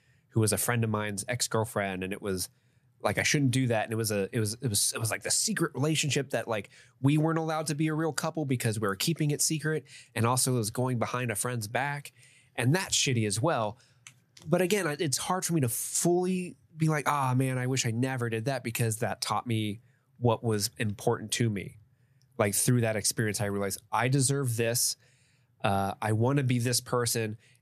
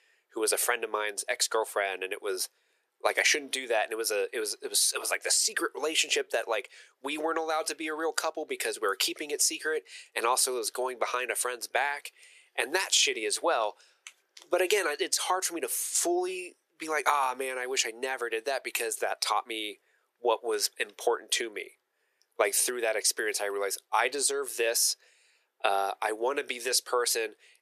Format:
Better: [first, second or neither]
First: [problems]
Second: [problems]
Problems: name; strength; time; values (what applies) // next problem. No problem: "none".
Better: first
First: none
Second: thin; very; fading below 400 Hz